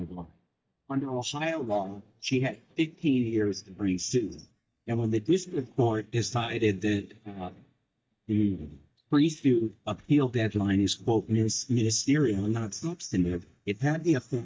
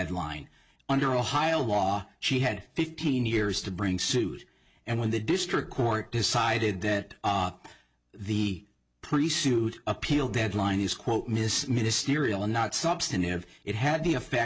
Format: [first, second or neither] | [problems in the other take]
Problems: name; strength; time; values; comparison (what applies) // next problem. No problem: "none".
second | noise reduction (neural mask model DeepFilterNet 3)